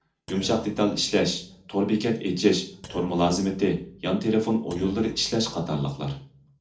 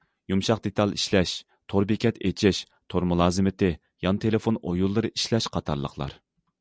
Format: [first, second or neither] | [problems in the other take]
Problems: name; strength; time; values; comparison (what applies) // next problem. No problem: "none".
second | noise reduction (neural separator model SepFormer DNS4)